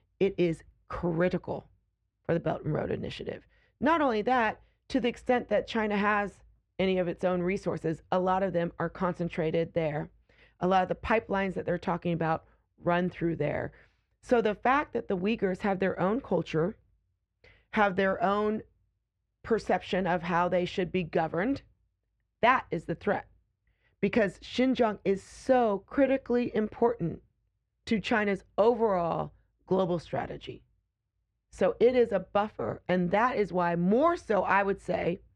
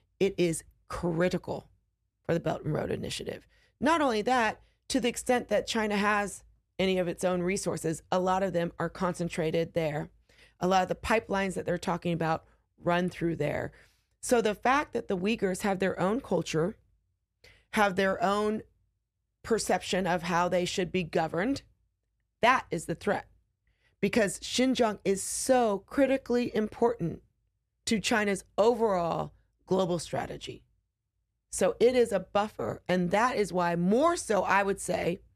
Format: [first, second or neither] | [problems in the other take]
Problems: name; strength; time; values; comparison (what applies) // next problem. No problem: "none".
second | muffled; slightly; fading above 2.5 kHz